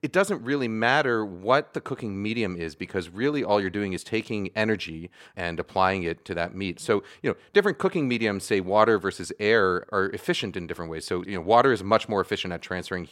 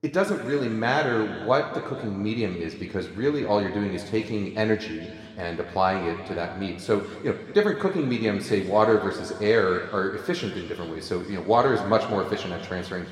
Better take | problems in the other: first | room echo; slight; dies away in 2.2 s

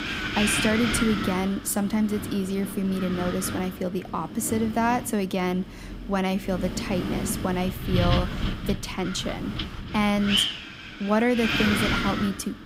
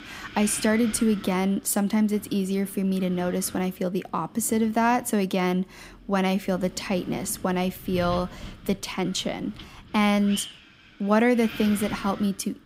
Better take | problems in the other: second | wind noise on the microphone; heavy; as loud as the speech; occasional gusts in the second

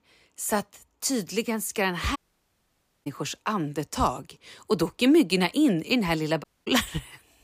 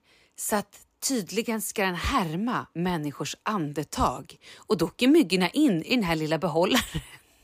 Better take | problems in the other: second | audio cutting out; at 2 s for 1 s and at 6.5 s

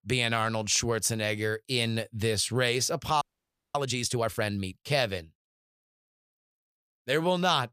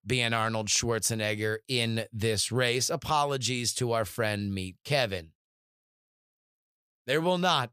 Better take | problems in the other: second | audio freezing; at 3 s for 0.5 s

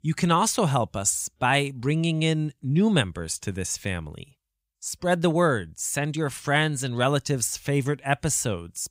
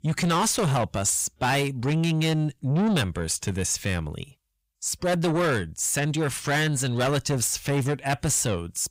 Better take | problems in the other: first | distortion; heavy; 7 dB below the speech

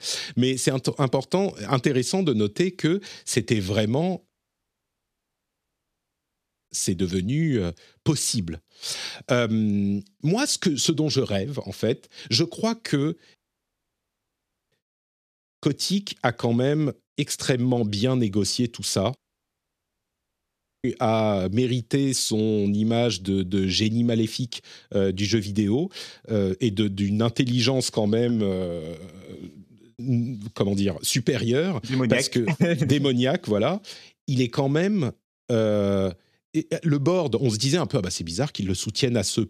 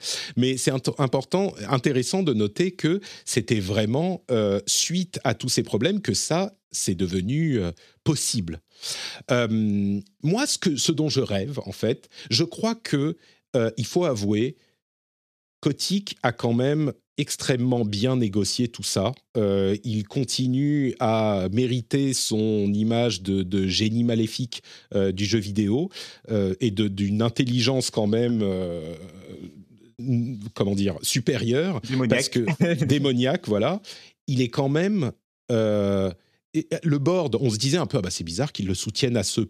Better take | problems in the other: second | audio cutting out; at 4.5 s for 2.5 s, at 13 s for 1.5 s and at 19 s for 1.5 s

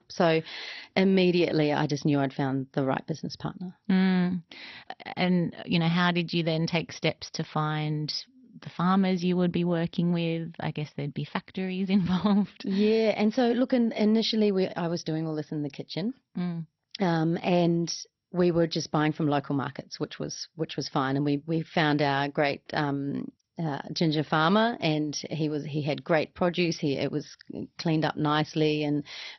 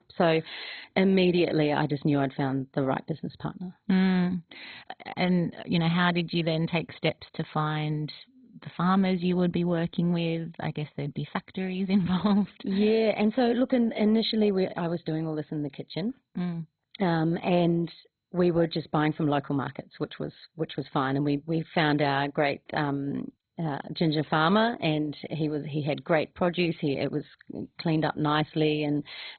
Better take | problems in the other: first | garbled, watery; badly; nothing above 4 kHz; slightly in the first

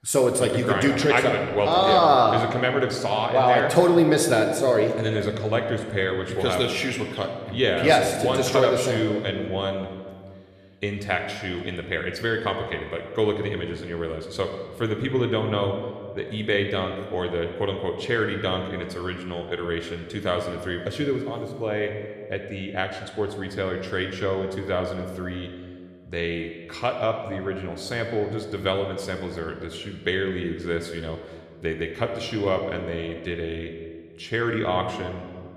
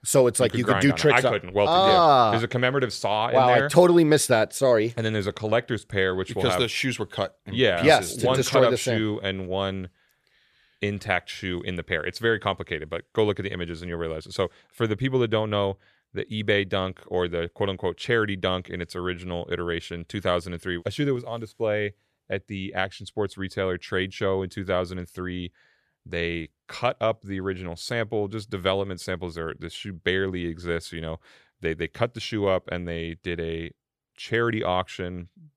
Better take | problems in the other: second | room echo; slight; dies away in 1.4 s

